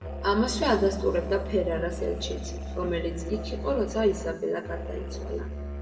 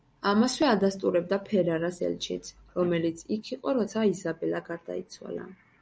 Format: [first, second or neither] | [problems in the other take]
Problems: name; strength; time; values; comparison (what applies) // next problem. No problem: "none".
second | background sound (Musical instrument); 7 dB below the speech // room echo; dies away in 1.8 s